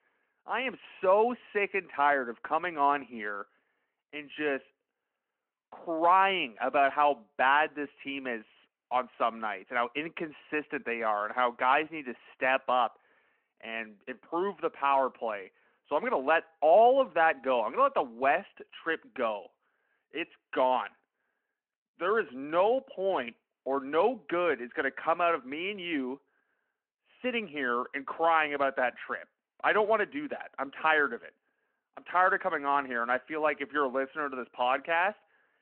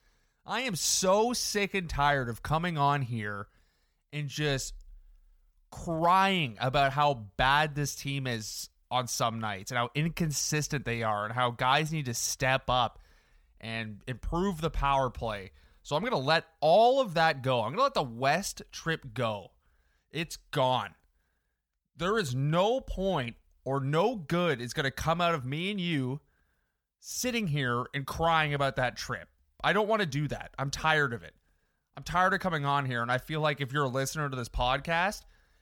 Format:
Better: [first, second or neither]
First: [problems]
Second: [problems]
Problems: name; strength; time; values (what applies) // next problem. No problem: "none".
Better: second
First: phone-call audio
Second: none